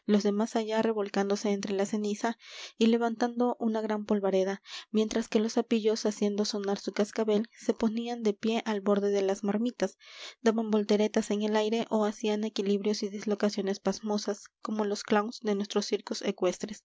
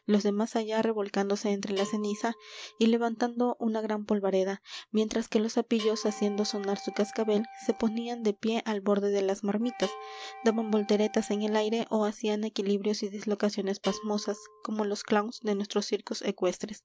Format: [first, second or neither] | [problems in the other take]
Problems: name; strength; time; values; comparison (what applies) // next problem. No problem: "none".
first | background sound (Wind instrument, woodwind instrument + Bell); 19 dB below the speech